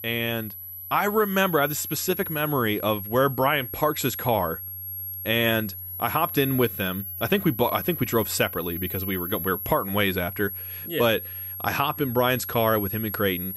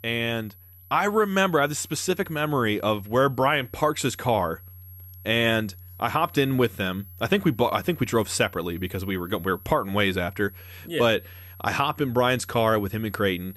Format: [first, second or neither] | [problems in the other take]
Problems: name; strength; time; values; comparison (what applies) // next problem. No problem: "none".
second | high-pitched whine; loud; throughout; 11.5 kHz, 7 dB below the speech; faint in the second